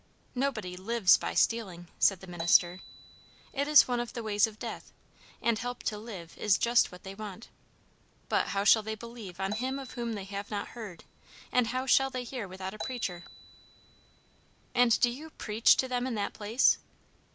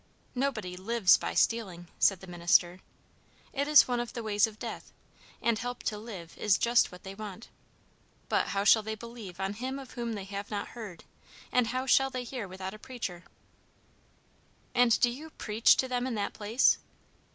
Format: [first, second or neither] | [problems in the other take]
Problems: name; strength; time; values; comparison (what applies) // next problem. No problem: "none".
second | background sound (Marimba, xylophone); 13 dB below the speech